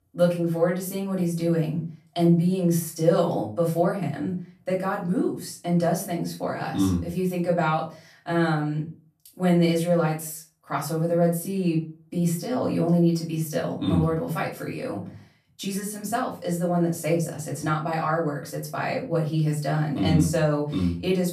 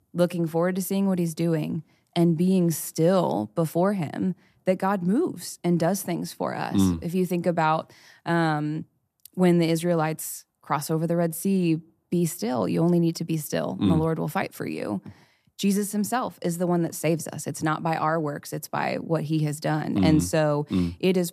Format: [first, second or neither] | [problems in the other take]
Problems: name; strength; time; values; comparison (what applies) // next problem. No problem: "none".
second | off-mic speech; far // room echo; slight; dies away in 0.3 s